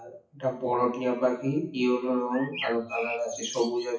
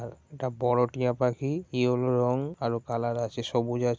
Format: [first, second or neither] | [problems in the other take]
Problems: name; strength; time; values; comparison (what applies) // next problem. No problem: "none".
second | noise reduction (classical method WPE with log-MMSE)